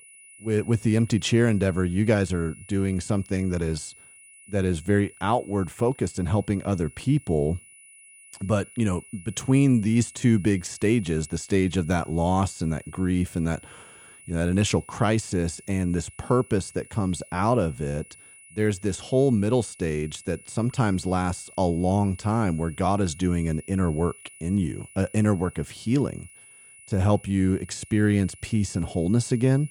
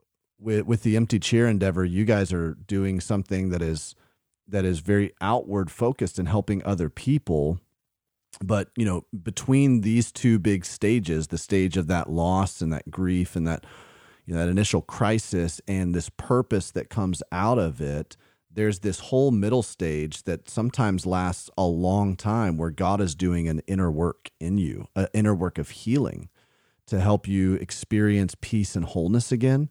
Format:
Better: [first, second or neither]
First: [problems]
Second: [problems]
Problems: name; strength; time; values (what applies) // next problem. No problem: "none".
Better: second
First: high-pitched whine; faint; throughout; 10 kHz, 20 dB below the speech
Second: none